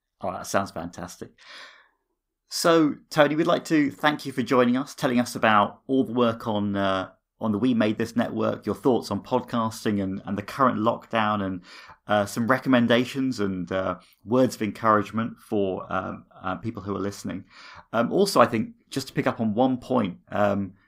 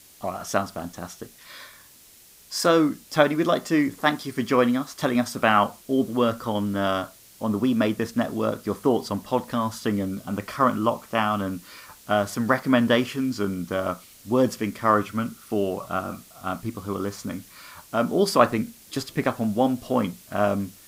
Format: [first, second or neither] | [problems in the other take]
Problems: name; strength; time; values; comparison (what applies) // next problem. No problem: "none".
first | hiss; faint; throughout; 25 dB below the speech